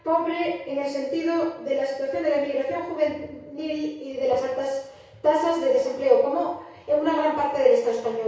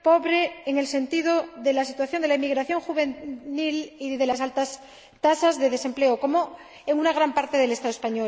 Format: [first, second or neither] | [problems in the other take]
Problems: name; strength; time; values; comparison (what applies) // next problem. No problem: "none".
second | room echo; dies away in 0.6 s